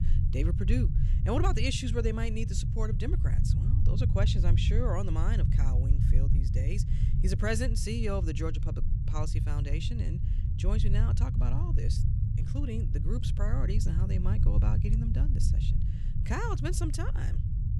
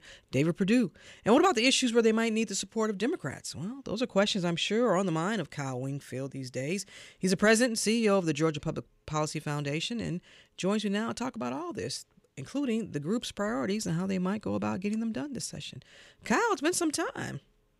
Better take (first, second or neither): second